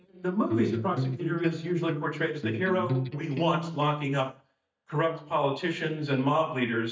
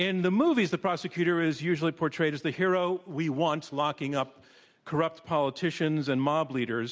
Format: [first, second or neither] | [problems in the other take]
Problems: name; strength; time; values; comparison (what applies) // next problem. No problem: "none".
second | noise reduction (neural mask model DeepFilterNet 3)